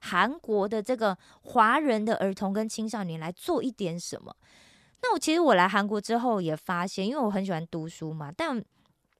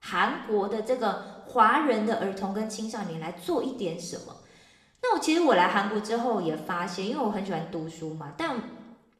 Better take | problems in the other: first | room echo; slight; dies away in 0.8 s

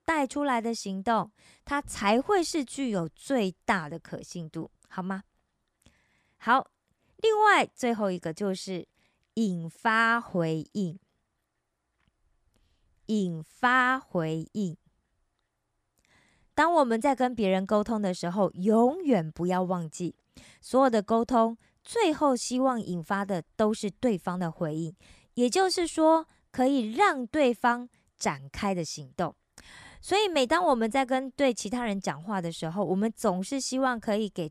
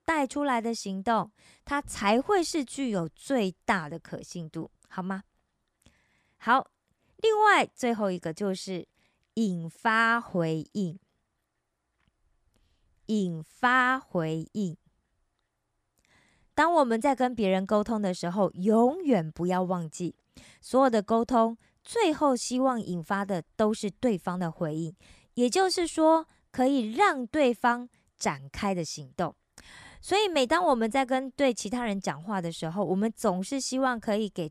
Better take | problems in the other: neither | none

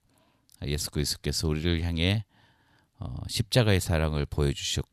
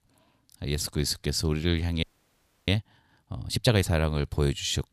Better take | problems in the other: first | audio freezing; at 2 s for 0.5 s

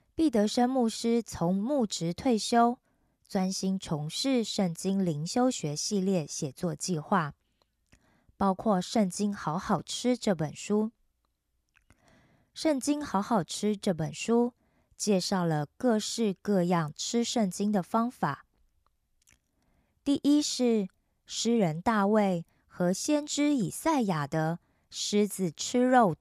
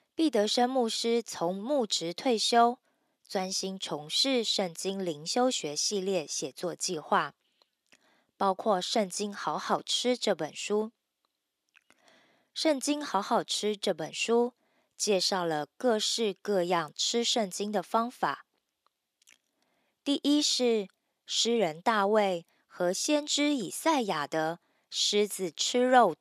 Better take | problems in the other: first | thin; very slightly; fading below 350 Hz

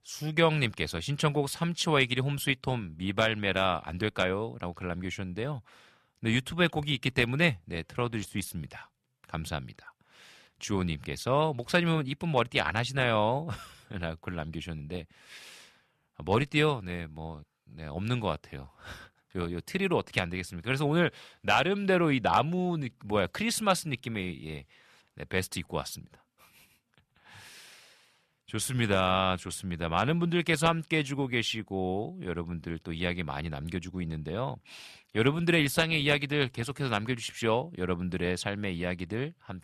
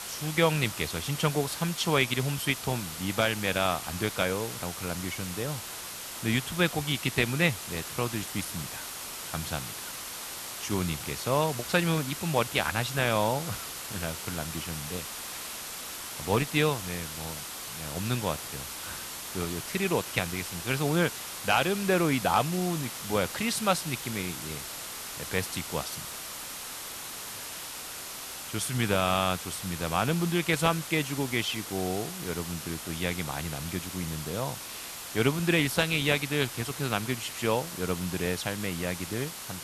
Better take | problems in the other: first | hiss; loud; throughout; 7 dB below the speech

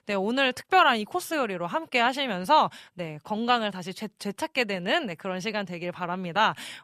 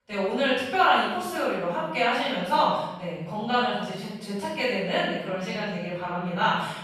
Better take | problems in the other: first | room echo; strong; dies away in 1.2 s // off-mic speech; far

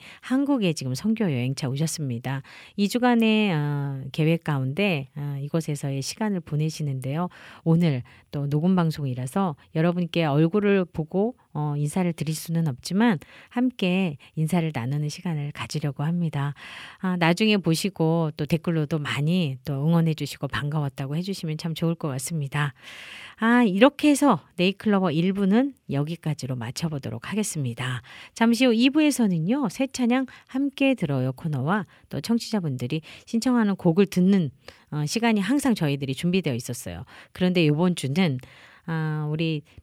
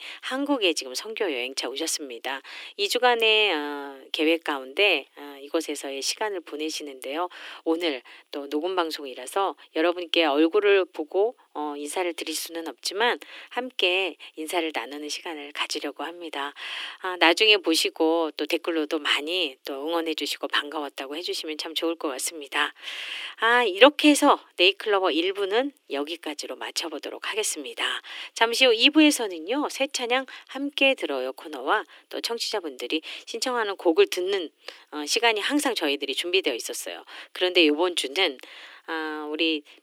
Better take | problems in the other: first | thin; very; fading below 300 Hz

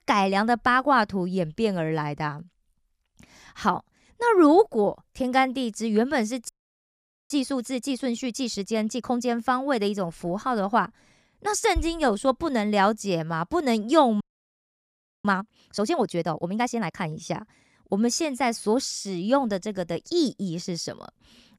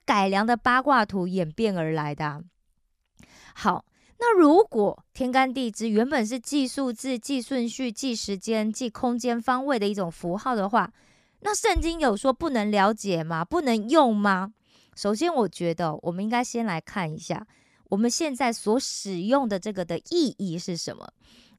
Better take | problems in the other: second | audio freezing; at 6.5 s for 1 s and at 14 s for 1 s

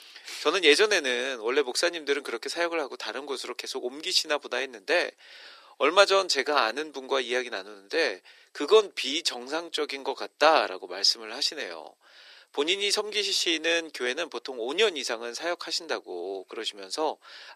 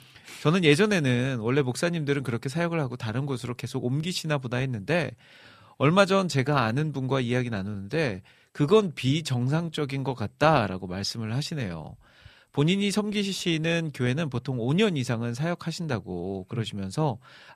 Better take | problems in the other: second | thin; very; fading below 350 Hz

